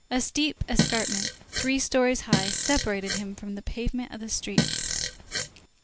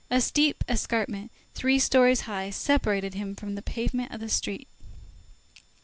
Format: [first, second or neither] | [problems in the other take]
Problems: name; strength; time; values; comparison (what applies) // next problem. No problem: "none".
second | background sound (Fart); as loud as the speech